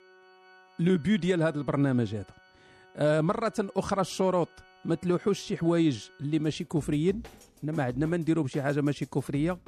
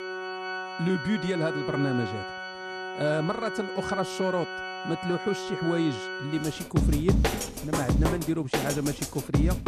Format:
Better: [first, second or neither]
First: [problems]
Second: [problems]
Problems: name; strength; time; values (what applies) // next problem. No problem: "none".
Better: first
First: background music; faint; throughout; 25 dB below the speech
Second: background music; loud; throughout; 1 dB below the speech